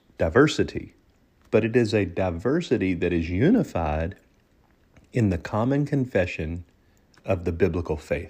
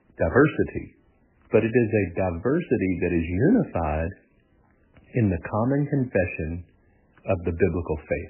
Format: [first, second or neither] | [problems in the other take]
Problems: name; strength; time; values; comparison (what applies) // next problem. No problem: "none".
first | garbled, watery; badly; nothing above 2.5 kHz